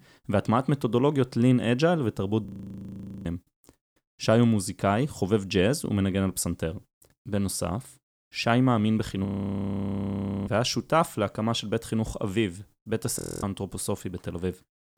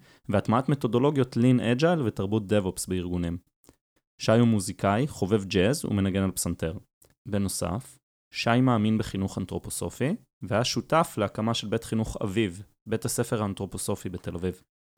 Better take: second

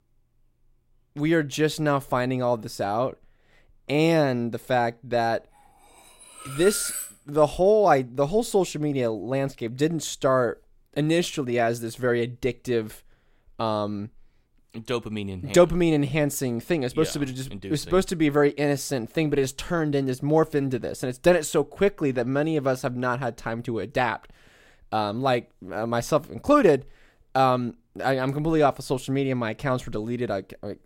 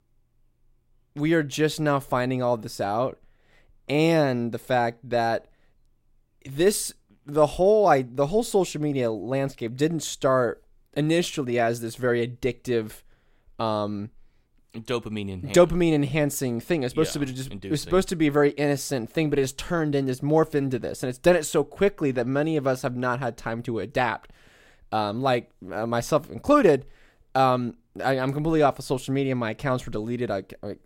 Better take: second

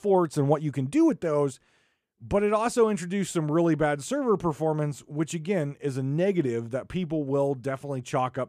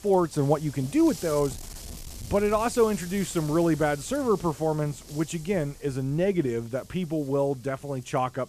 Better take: first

